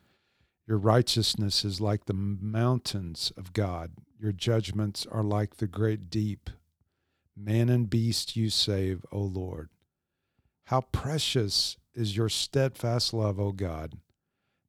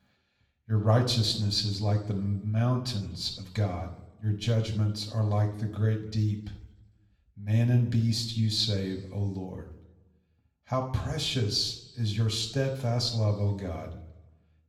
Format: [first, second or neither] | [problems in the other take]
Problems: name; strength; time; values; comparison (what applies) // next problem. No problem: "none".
first | room echo; slight; dies away in 0.7 s // off-mic speech; somewhat distant